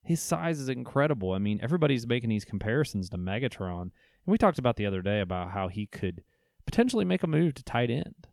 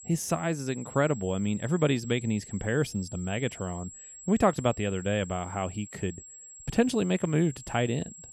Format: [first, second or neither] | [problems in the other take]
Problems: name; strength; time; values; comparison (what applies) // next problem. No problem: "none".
first | high-pitched whine; noticeable; throughout; 7.5 kHz, 15 dB below the speech